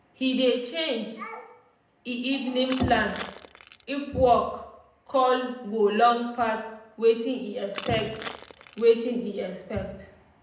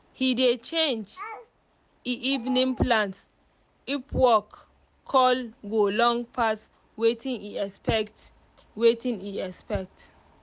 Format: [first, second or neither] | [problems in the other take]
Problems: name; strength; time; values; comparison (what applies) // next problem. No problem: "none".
second | background sound (Crushing); 16 dB below the speech // room echo; dies away in 0.7 s